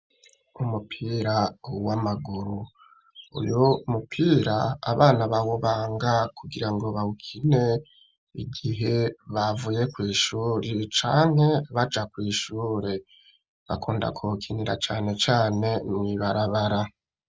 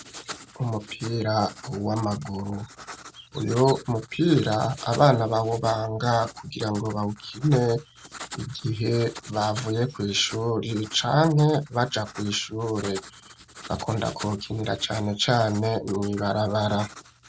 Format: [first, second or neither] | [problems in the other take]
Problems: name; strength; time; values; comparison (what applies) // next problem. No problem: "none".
first | background sound (Writing); 17 dB below the speech